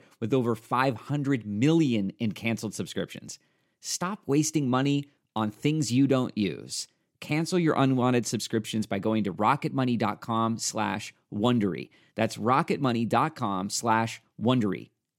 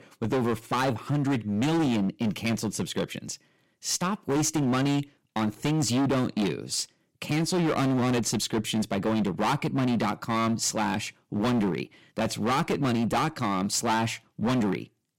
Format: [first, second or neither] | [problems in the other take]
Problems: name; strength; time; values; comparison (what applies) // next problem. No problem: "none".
first | distortion; heavy; 20% of the sound clipped